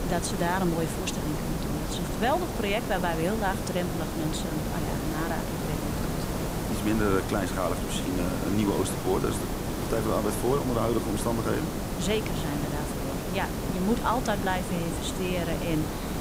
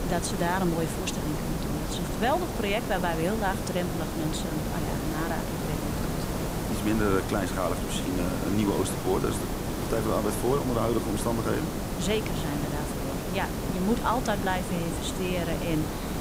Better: neither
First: hiss; loud; throughout; 2 dB below the speech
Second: hiss; loud; throughout; 2 dB below the speech

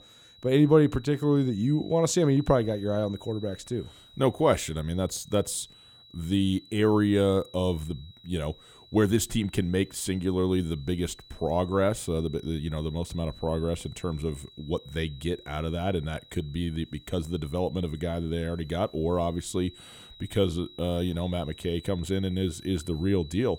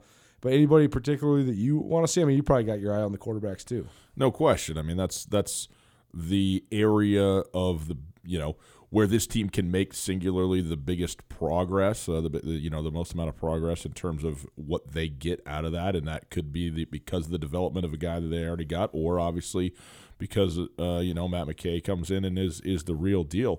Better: second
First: high-pitched whine; faint; throughout; 4 kHz, 20 dB below the speech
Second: none

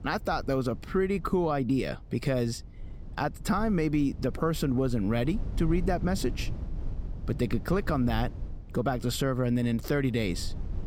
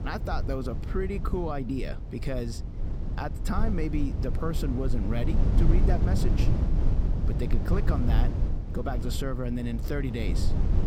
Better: first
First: low rumble; faint; throughout; 20 dB below the speech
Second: low rumble; loud; throughout; 6 dB below the speech

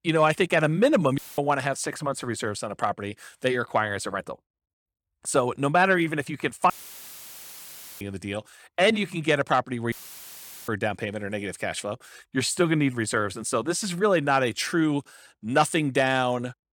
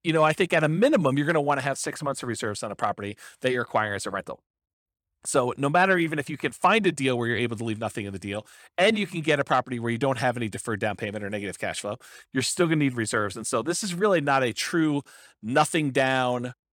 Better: second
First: audio cutting out; filled with static; at 1 s, at 6.5 s for 1.5 s and at 10 s for 1 s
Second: none

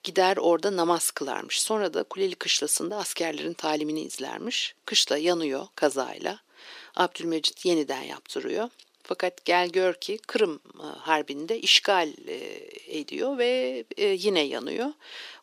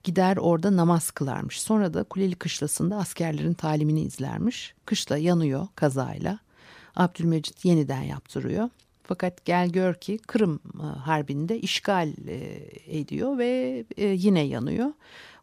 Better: second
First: thin; somewhat; fading below 350 Hz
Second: none

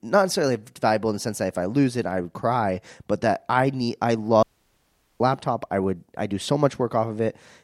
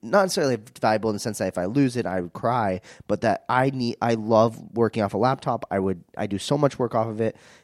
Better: second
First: audio cutting out; at 4.5 s for 1 s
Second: none

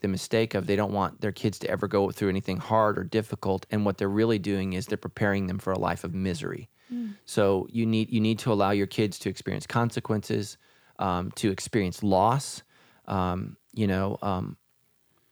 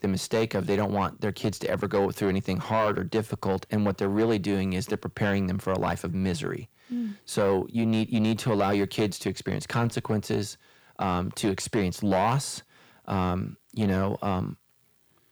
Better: first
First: none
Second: distortion; slight; 10 dB below the speech

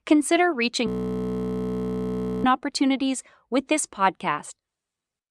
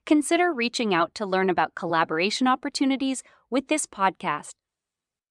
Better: second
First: audio freezing; at 1 s for 1.5 s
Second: none

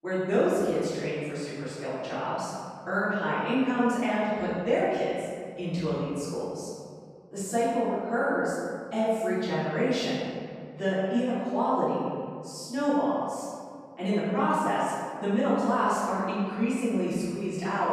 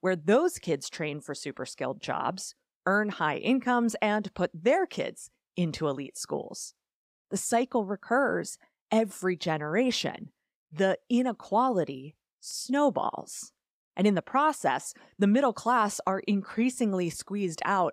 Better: second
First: off-mic speech; far // room echo; strong; dies away in 2 s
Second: none

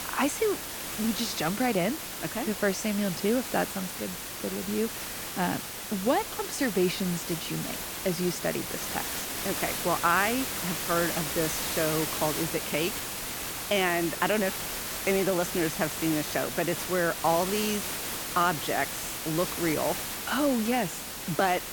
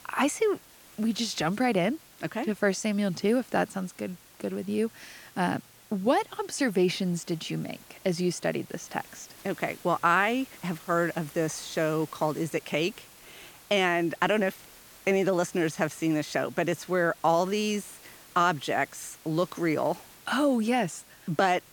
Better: second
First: hiss; loud; throughout; 3 dB below the speech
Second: hiss; faint; throughout; 20 dB below the speech

